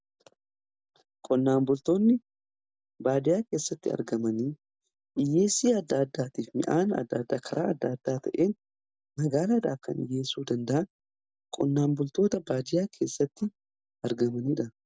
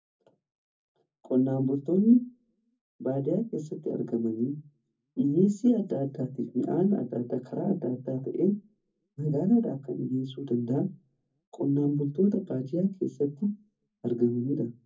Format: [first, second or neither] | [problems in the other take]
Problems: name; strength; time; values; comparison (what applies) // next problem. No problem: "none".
first | room echo; dies away in 0.3 s